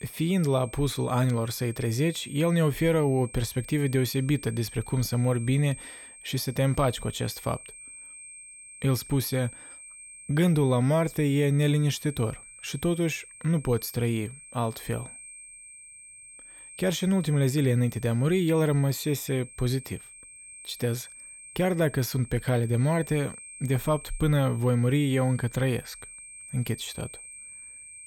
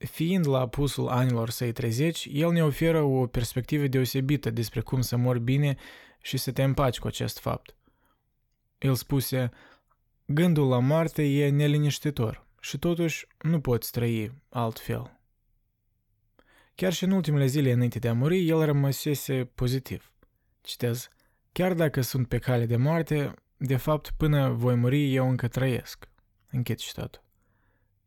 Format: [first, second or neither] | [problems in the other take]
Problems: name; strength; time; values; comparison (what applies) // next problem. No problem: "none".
second | high-pitched whine; noticeable; throughout; 8.5 kHz, 15 dB below the speech